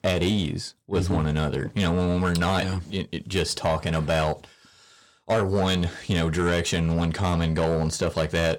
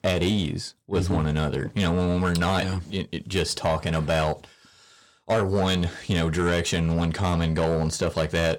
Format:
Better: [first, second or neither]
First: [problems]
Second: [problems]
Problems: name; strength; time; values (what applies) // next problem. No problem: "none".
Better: neither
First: distortion; slight; 10 dB below the speech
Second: distortion; slight; 10 dB below the speech